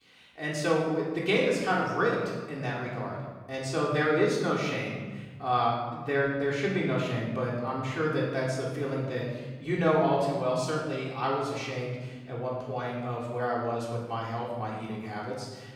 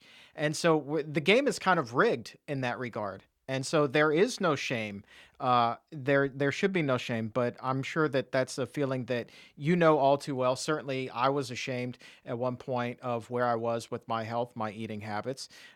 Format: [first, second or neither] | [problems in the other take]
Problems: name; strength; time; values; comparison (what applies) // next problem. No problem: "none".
second | off-mic speech; far // room echo; noticeable; dies away in 1.7 s